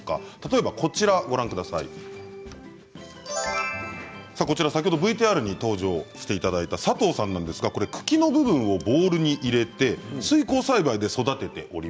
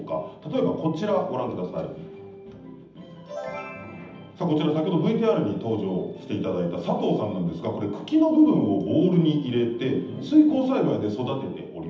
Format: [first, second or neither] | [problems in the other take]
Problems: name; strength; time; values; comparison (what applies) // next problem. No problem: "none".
first | room echo; dies away in 0.8 s